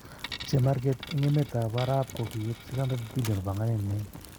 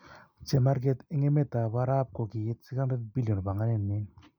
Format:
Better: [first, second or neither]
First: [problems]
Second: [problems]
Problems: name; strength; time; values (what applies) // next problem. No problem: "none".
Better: second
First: background sound (Coin (dropping) + Fire); 14 dB below the speech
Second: none